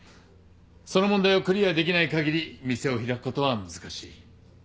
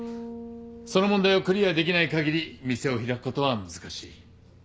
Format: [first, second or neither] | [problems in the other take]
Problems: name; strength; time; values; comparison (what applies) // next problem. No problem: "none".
first | background sound (Bass guitar); 18 dB below the speech